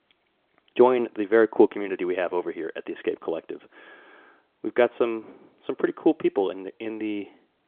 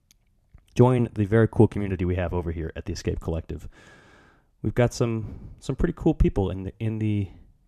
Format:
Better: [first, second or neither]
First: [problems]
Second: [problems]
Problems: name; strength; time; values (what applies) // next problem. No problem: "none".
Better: second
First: phone-call audio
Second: none